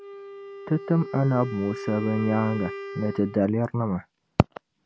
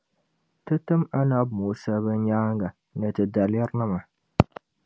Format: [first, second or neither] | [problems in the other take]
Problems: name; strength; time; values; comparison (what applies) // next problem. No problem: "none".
second | background sound (Wind instrument, woodwind instrument); 12 dB below the speech